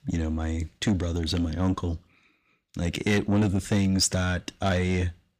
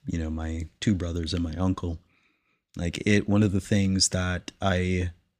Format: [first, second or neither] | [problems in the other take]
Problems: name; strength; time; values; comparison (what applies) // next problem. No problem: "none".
second | distortion; slight; 10 dB below the speech